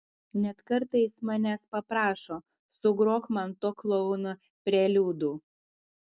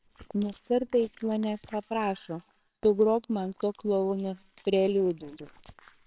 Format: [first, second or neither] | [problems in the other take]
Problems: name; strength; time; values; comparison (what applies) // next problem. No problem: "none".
first | noise reduction (neural separator model SepFormer WHAMR!)